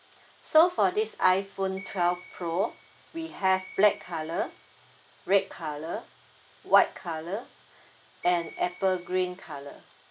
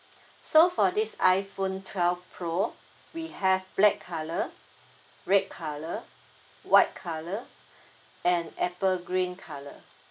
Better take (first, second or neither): second